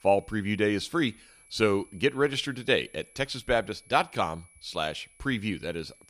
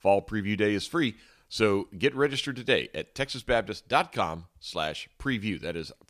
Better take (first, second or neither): second